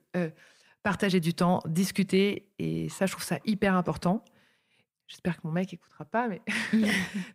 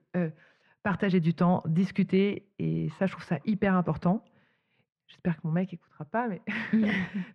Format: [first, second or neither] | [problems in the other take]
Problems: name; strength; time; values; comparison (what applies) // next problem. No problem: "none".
first | muffled; slightly; fading above 2.5 kHz